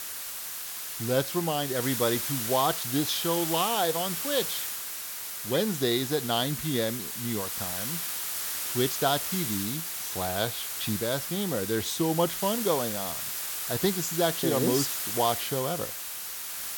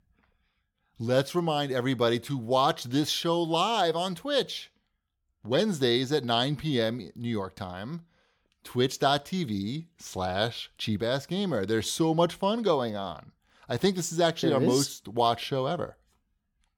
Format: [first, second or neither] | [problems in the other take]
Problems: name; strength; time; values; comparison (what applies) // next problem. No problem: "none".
second | hiss; loud; throughout; 2 dB below the speech